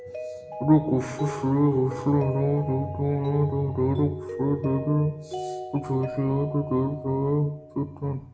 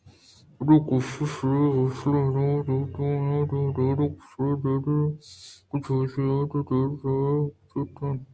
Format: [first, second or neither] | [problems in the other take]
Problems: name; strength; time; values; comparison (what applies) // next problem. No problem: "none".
second | background sound (Mallet percussion); 11 dB below the speech // room echo; dies away in 0.6 s